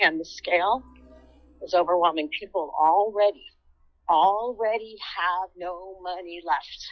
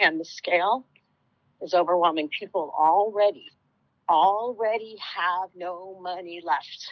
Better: second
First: noise reduction (classical method log-MMSE)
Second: none

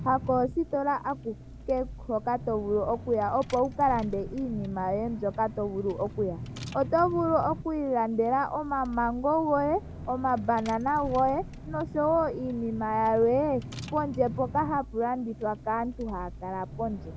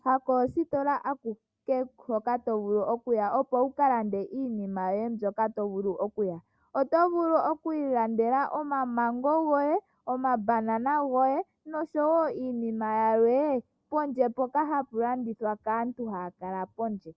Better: second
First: background sound (Engine / Car); 12 dB below the speech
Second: none

